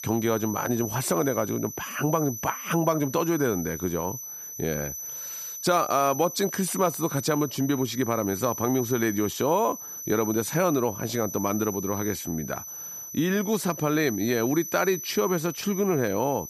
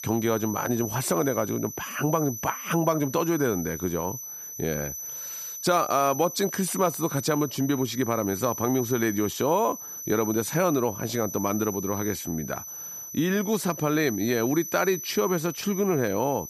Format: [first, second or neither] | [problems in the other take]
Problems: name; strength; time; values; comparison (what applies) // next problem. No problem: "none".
neither | high-pitched whine; loud; throughout; 6 kHz, 8 dB below the speech; the same in both